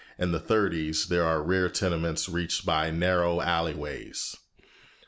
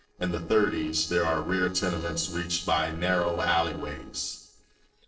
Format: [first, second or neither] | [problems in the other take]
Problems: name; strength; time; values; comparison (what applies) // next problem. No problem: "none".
first | noise reduction (neural separator model SepFormer DNS4)